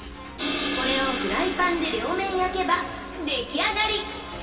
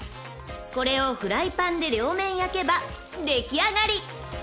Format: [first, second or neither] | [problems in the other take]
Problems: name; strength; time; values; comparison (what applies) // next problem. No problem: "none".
second | background sound (Crash cymbal); 6 dB below the speech // room echo; dies away in 2.5 s